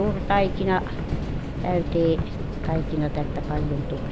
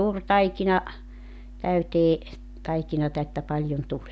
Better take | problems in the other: second | background sound (Subway, metro, underground); 1 dB below the speech

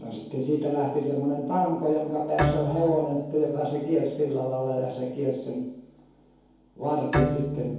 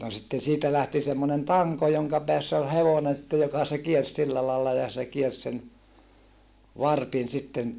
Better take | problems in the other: second | background sound (Bowed string instrument); 7 dB below the speech // room echo; dies away in 2 s

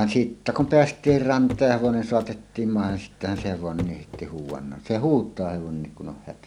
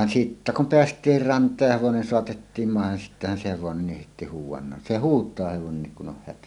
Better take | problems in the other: second | background sound (Walk, footsteps); 15 dB below the speech

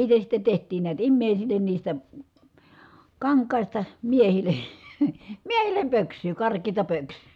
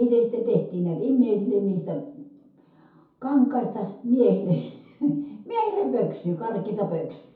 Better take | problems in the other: first | room echo; dies away in 0.6 s

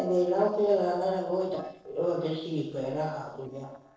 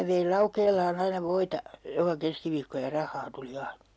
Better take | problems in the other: second | noise reduction (neural separator model SepFormer DNS4)

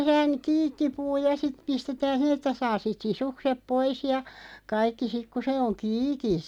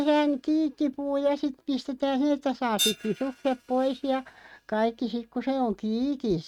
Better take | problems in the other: first | noise reduction (neural mask model RNNoise)

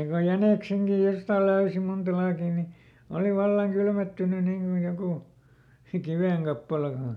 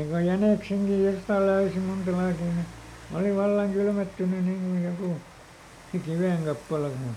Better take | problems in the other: first | background sound (Rain); 20 dB below the speech

